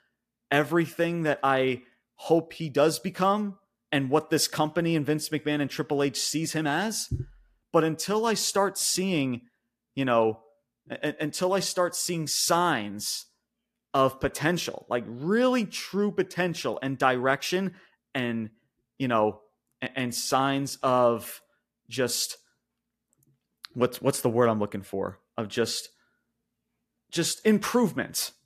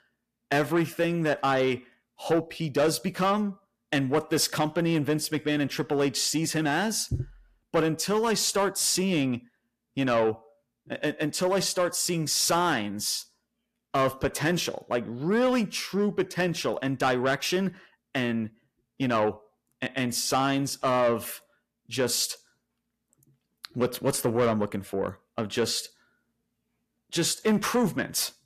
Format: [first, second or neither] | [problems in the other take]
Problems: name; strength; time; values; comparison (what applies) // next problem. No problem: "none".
first | distortion; slight; 10 dB below the speech